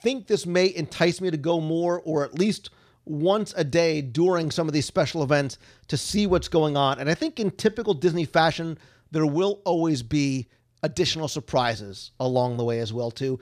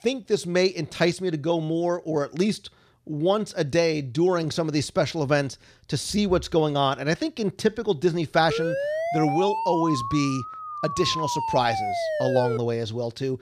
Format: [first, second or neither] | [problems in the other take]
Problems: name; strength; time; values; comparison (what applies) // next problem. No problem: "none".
first | siren; noticeable; from 8.5 to 13 s; peak 2 dB below the speech